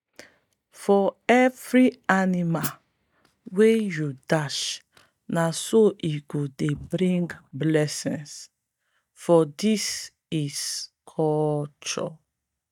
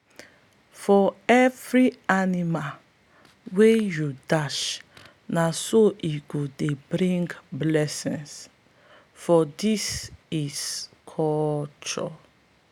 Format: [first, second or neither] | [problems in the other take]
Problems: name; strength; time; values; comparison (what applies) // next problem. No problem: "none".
second | noise reduction (neural mask model DeepFilterNet 3)